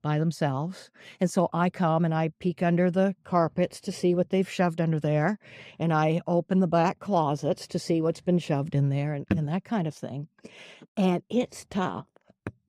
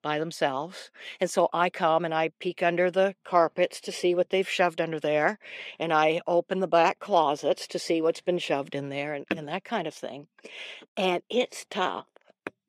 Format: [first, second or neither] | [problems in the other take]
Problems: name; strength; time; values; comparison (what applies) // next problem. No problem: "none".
first | thin; somewhat; fading below 450 Hz